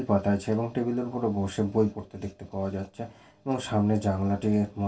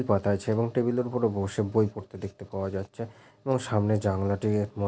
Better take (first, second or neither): second